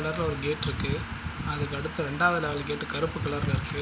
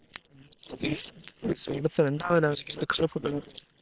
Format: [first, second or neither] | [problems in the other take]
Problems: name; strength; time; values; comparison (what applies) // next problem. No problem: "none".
first | noise reduction (neural separator model SepFormer WHAM!)